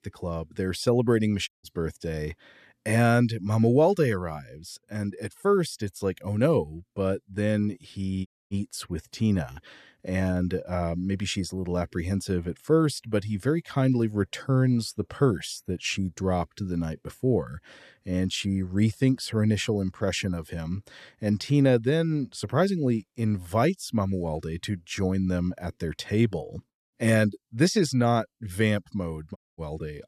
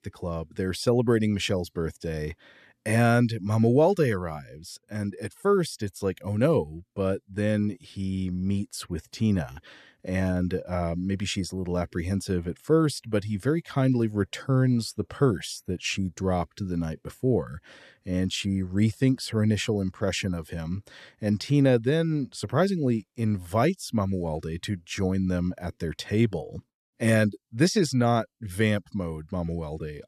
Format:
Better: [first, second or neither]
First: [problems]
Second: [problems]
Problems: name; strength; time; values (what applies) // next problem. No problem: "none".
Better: second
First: audio cutting out; at 1.5 s, at 8.5 s and at 29 s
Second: none